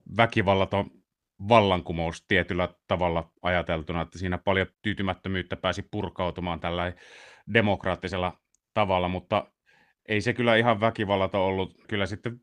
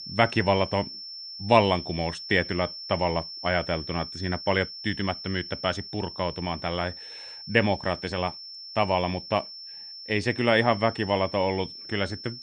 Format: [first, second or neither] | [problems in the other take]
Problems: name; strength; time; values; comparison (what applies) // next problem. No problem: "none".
first | high-pitched whine; noticeable; throughout; 5.5 kHz, 10 dB below the speech